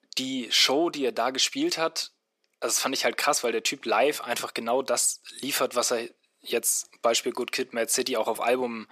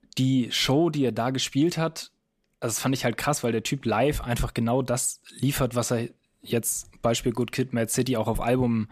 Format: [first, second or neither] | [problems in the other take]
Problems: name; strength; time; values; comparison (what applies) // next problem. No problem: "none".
second | thin; somewhat; fading below 350 Hz